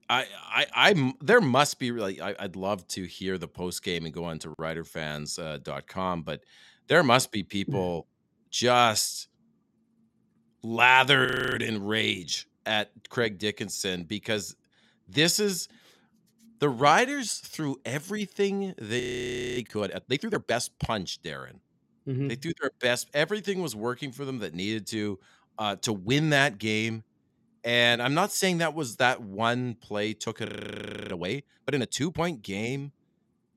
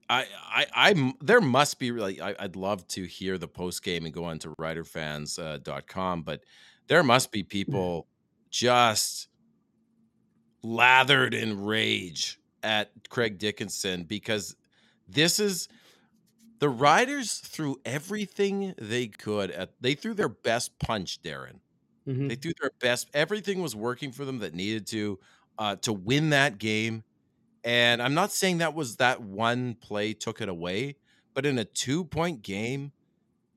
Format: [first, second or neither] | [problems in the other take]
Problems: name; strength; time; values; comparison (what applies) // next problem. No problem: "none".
second | audio freezing; at 11 s, at 19 s for 0.5 s and at 30 s for 0.5 s